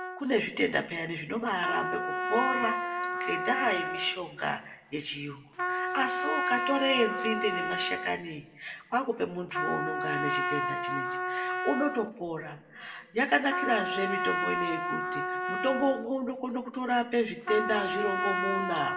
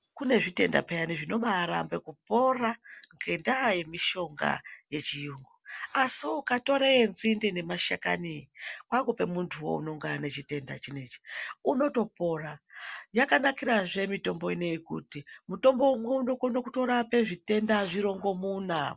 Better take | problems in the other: second | background sound (Trumpet); 2 dB below the speech // room echo; dies away in 1.2 s

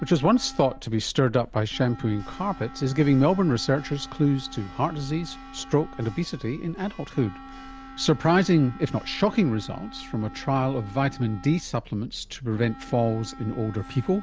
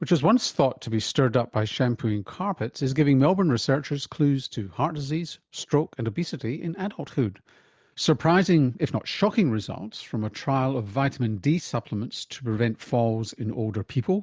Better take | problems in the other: second | background sound (Wind instrument, woodwind instrument + Church bell); 17 dB below the speech

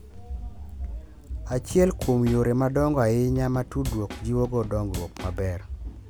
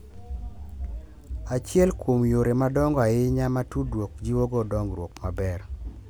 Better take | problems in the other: second | background sound (Drum / Drum kit); 13 dB below the speech

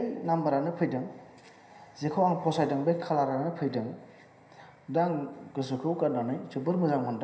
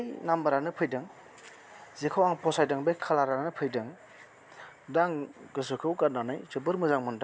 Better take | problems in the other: second | room echo; dies away in 0.9 s

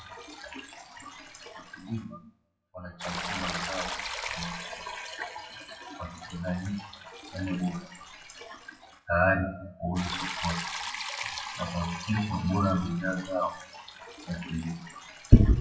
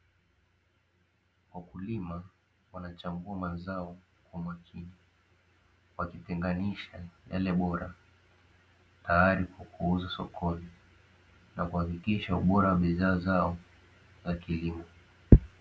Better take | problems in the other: second | noise reduction (classical method WPE with log-MMSE)

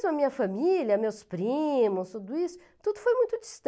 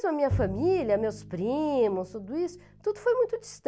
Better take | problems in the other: first | background sound (Bowed string instrument); 11 dB below the speech

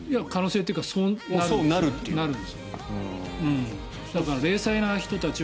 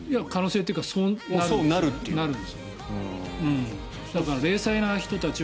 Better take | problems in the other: second | background sound (Walk, footsteps); 17 dB below the speech

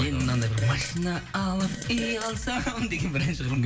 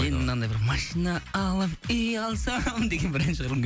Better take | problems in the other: second | background sound (Fart); 11 dB below the speech // room echo; dies away in 0.7 s

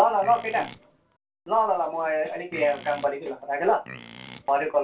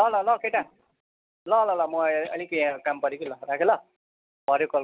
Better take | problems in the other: second | background sound (Livestock, farm animals, working animals); 18 dB below the speech // room echo; dies away in 0.2 s

